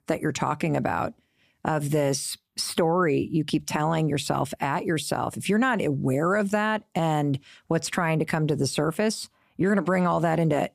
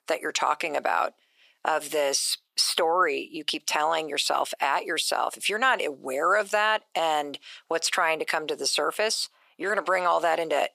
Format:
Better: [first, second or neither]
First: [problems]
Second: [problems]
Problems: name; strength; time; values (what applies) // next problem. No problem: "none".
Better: first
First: none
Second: thin; very; fading below 500 Hz